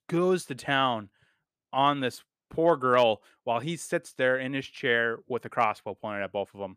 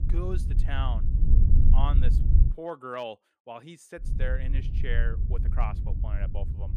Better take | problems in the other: first | wind noise on the microphone; heavy; until 2.5 s and from 4 s on; 7 dB below the speech

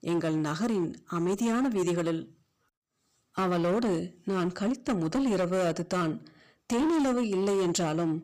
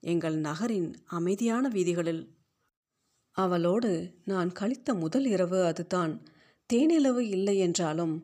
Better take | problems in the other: second | distortion; slight; 17% of the sound clipped

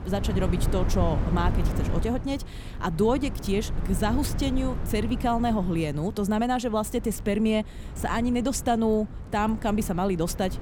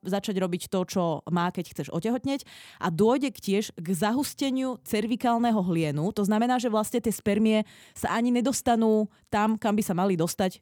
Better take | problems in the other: second | wind noise on the microphone; occasional gusts; 15 dB below the speech

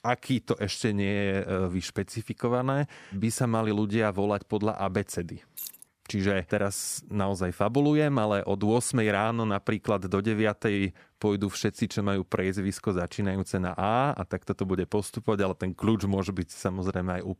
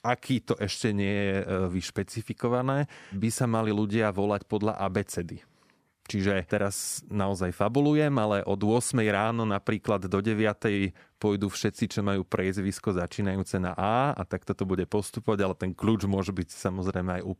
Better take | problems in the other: second | jangling keys; faint; at 5.5 s; peak 10 dB below the speech

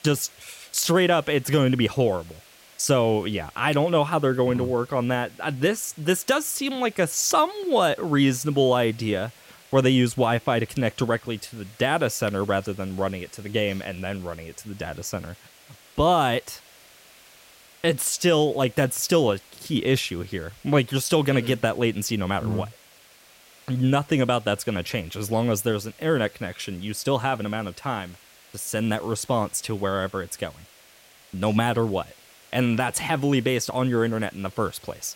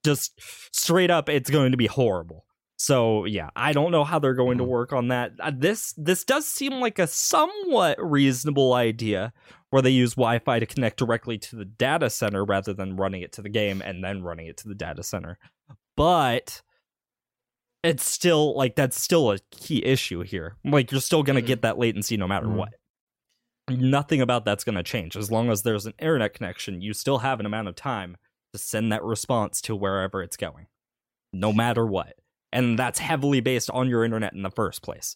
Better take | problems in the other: second | hiss; faint; throughout; 25 dB below the speech

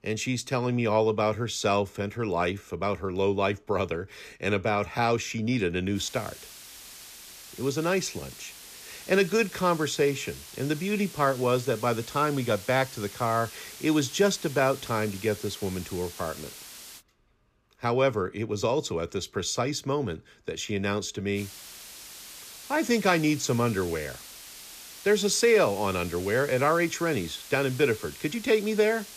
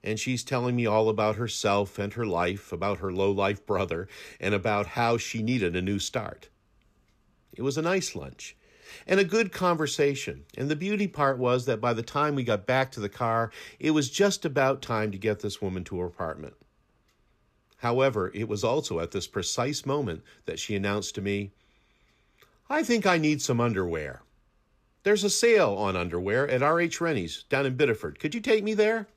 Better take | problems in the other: second | hiss; noticeable; from 6 to 17 s and from 21 s on; 15 dB below the speech

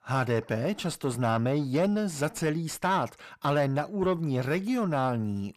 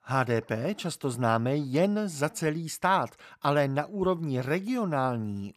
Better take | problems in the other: second | distortion; slight; 10 dB below the speech

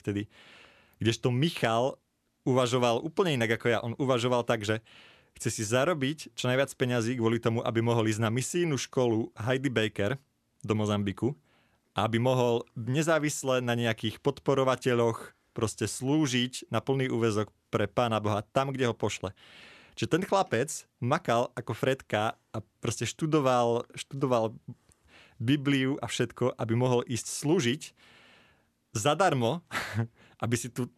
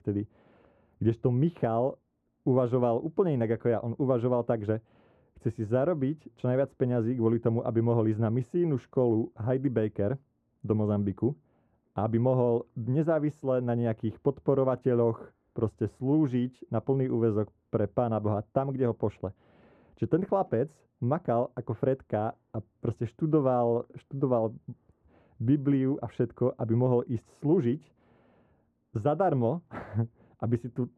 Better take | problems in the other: first | muffled; very; fading above 2 kHz

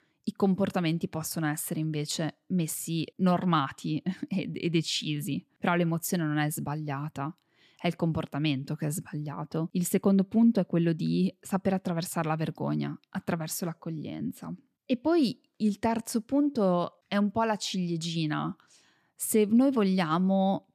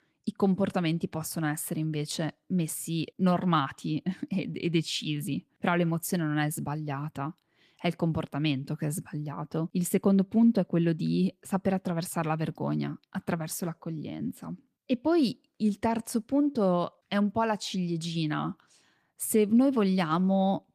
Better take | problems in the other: first | garbled, watery; slightly; nothing above 14.5 kHz

